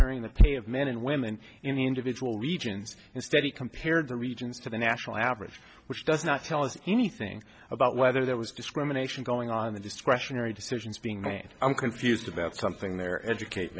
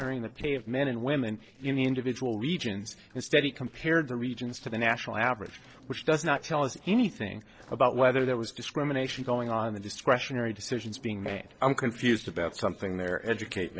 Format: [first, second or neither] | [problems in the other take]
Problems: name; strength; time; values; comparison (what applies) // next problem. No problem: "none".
first | noise reduction (neural separator model SepFormer DNS4)